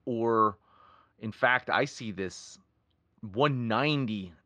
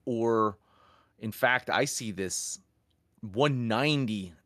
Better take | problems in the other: second | muffled; slightly; fading above 4.5 kHz

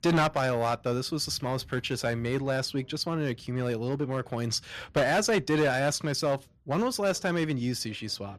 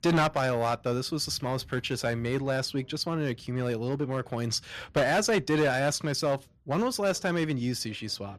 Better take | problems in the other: neither | distortion; heavy; 6% of the sound clipped; the same in both

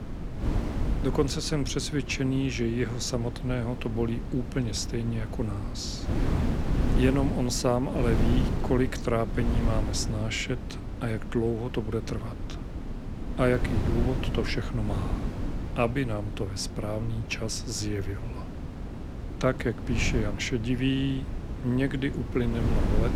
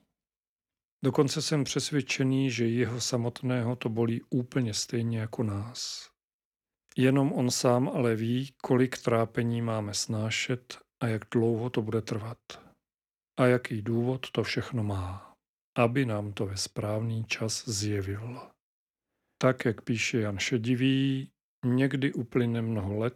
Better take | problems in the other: second | wind noise on the microphone; heavy; 8 dB below the speech

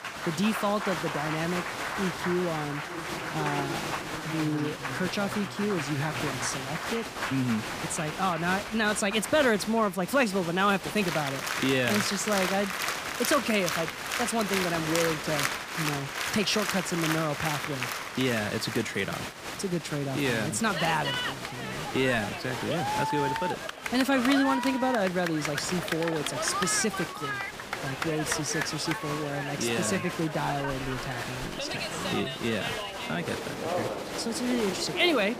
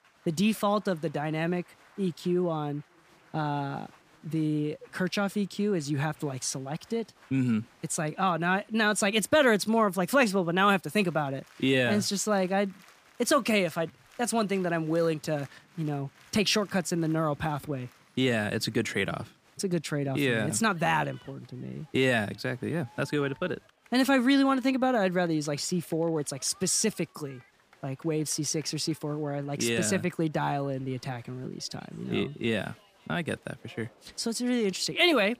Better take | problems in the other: second | crowd noise; loud; throughout; 3 dB below the speech; faint in the second

